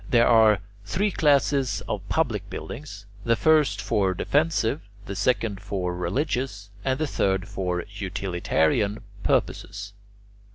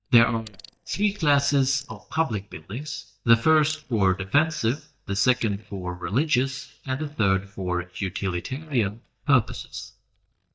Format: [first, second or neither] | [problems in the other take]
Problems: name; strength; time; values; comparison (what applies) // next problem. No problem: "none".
first | noise reduction (neural mask model DeepFilterNet 3)